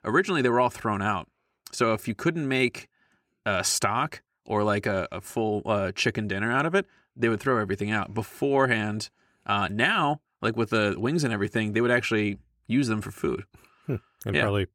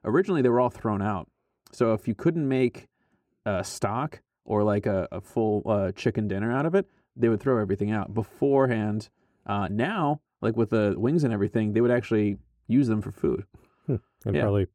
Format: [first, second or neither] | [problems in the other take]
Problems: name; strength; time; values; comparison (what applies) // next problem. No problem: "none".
first | muffled; slightly; fading above 1 kHz